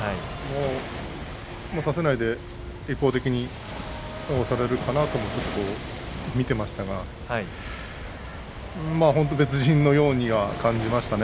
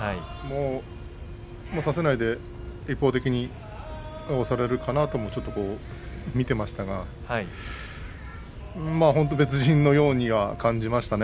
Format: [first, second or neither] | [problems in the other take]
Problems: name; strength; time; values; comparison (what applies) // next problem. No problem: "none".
second | background sound (Waves, surf); 12 dB below the speech